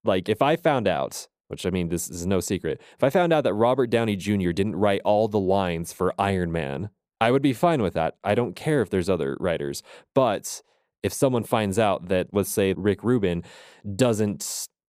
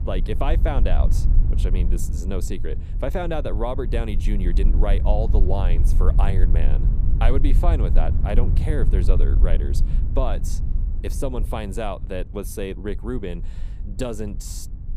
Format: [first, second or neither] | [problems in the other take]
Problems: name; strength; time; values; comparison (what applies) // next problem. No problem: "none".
first | low rumble; noticeable; throughout; 10 dB below the speech